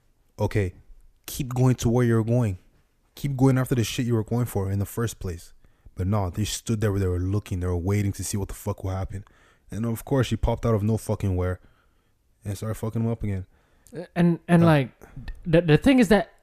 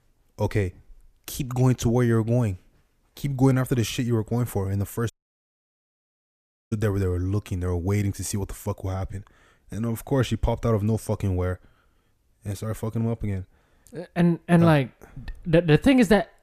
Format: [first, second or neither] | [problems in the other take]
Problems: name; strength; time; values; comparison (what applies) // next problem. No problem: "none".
first | audio cutting out; at 5 s for 1.5 s